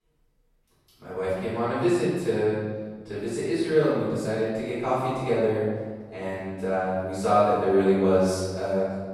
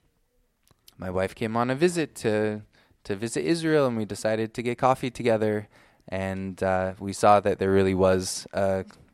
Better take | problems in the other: second | off-mic speech; far // room echo; strong; dies away in 1.4 s

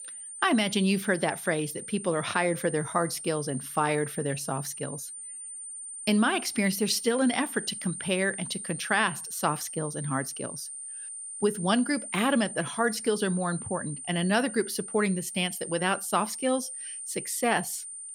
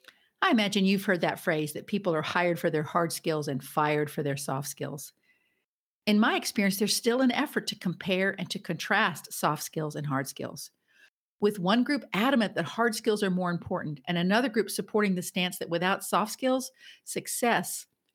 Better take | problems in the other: second | high-pitched whine; loud; throughout; 9 kHz, 8 dB below the speech

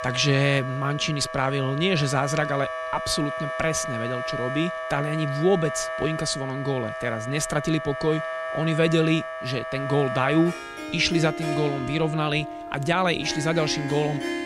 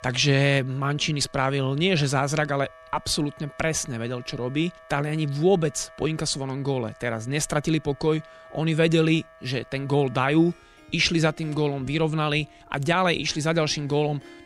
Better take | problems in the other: second | background music; loud; throughout; 6 dB below the speech; faint in the second

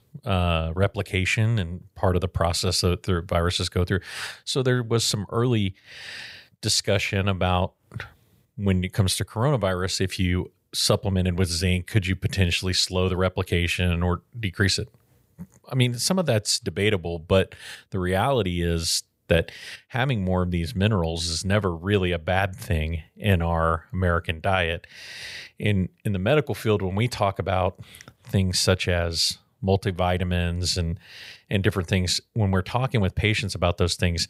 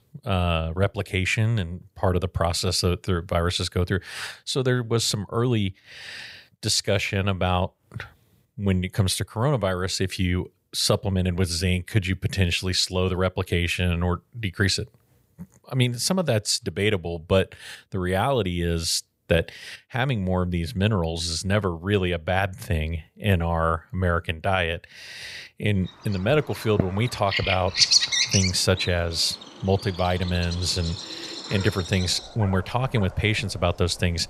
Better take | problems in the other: first | animal sounds; loud; from 26 s on; as loud as the speech

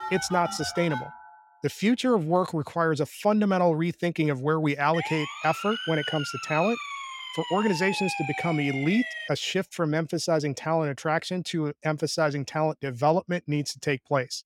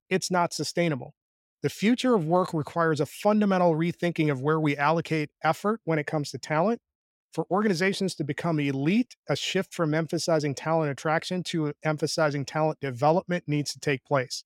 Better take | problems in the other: second | phone ringing; noticeable; until 1.5 s; peak 7 dB below the speech // siren; noticeable; from 5 to 9.5 s; peak 4 dB below the speech

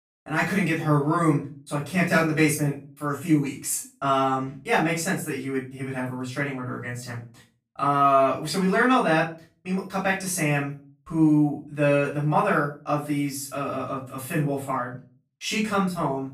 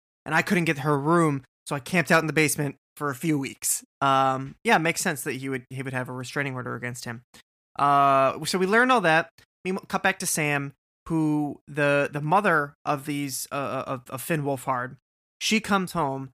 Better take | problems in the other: second | off-mic speech; far // room echo; slight; dies away in 0.3 s

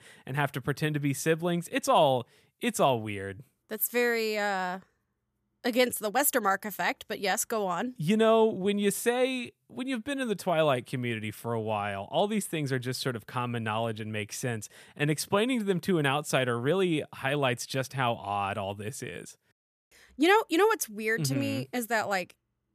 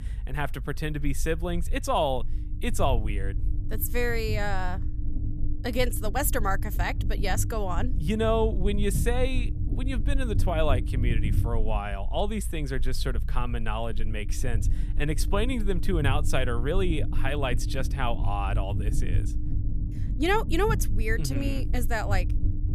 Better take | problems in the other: first | low rumble; noticeable; throughout; 15 dB below the speech

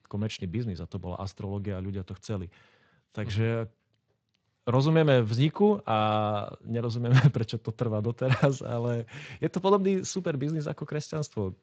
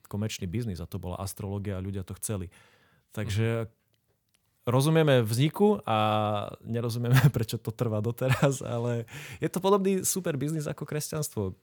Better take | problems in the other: second | garbled, watery; slightly; nothing above 7.5 kHz

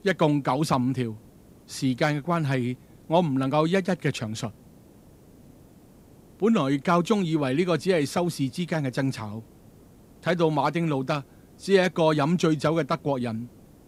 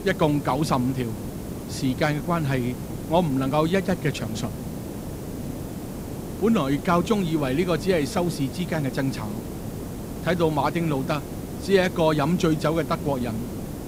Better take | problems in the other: first | hiss; loud; throughout; 9 dB below the speech; faint in the first

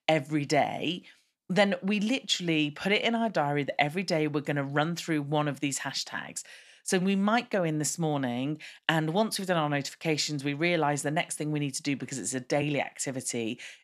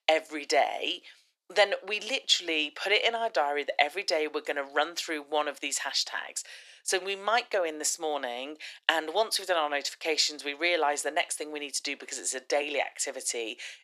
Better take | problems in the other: first | thin; very; fading below 400 Hz

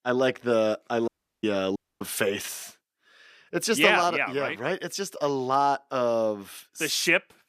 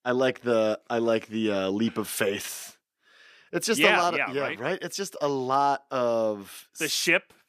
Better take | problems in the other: second | audio cutting out; at 1 s and at 2 s

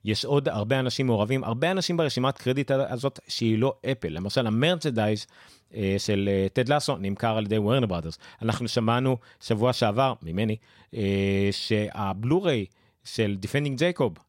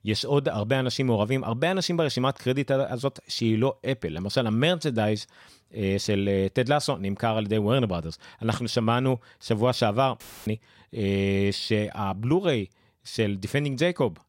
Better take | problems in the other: first | audio cutting out; filled with static; at 10 s

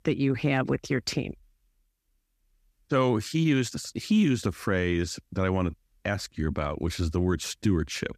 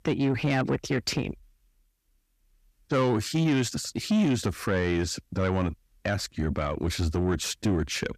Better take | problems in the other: first | distortion; slight; 10 dB below the speech

